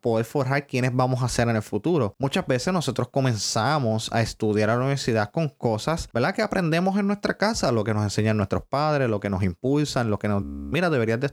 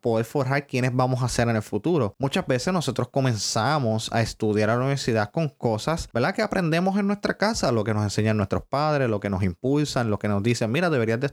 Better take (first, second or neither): second